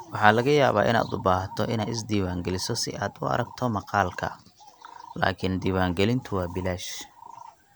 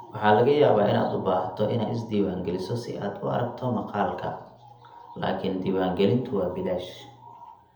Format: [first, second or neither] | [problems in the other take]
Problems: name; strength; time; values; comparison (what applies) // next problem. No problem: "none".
first | room echo; dies away in 0.7 s